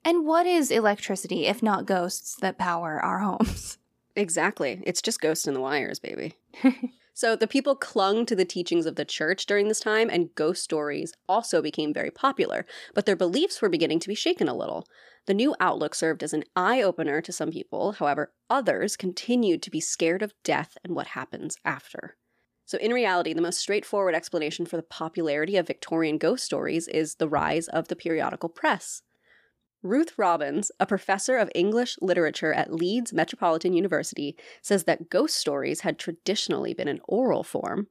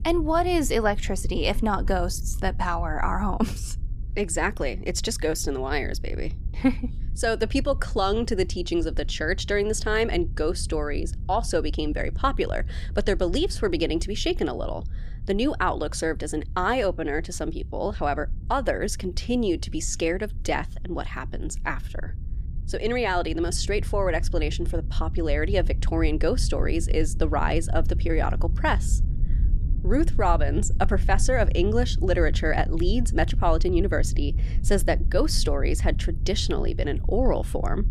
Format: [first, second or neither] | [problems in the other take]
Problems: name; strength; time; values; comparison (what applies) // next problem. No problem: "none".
first | low rumble; faint; throughout; 20 dB below the speech